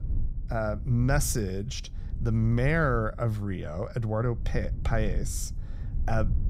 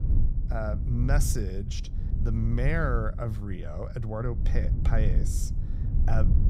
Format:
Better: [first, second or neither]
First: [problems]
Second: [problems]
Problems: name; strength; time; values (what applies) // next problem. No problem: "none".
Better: first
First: low rumble; faint; throughout; 20 dB below the speech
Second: low rumble; loud; throughout; 10 dB below the speech